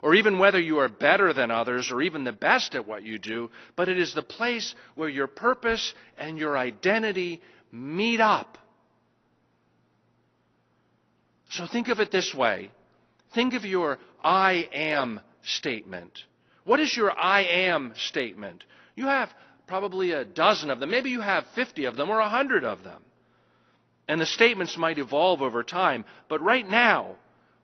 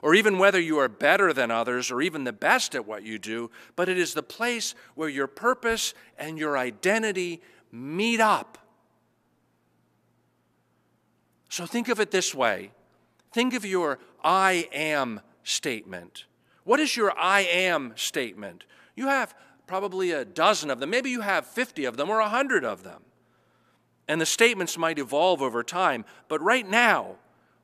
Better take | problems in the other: second | garbled, watery; slightly; nothing above 6 kHz

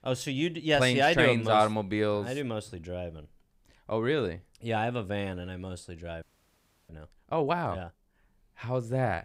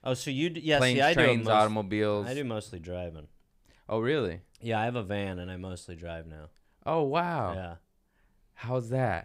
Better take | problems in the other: second | audio freezing; at 6 s for 0.5 s

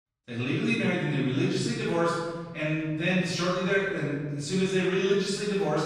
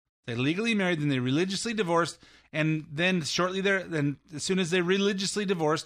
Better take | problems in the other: second | off-mic speech; far // room echo; strong; dies away in 1.3 s

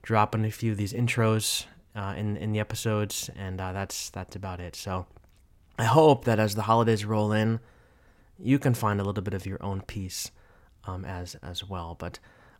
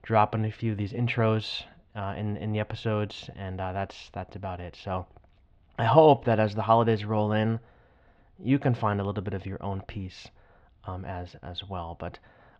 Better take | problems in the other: first | muffled; slightly; fading above 3.5 kHz

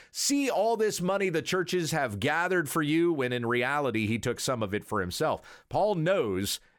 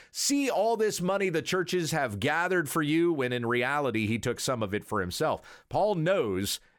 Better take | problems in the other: neither | none

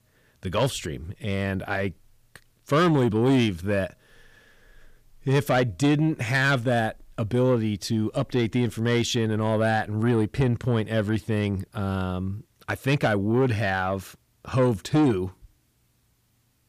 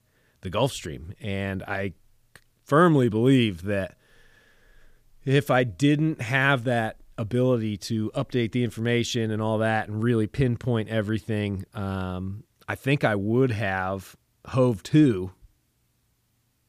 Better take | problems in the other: second | distortion; slight; 10 dB below the speech

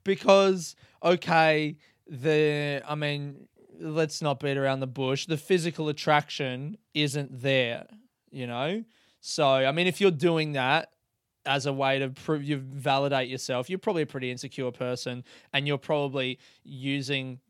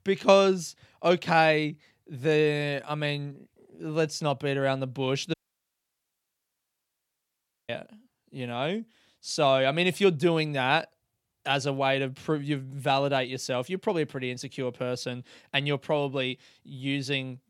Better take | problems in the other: first | audio cutting out; at 5.5 s for 2.5 s

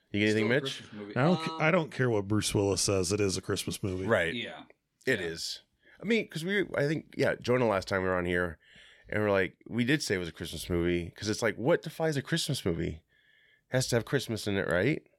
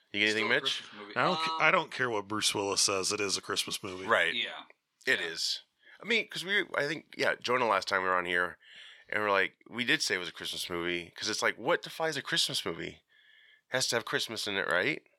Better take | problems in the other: first | thin; somewhat; fading below 1 kHz

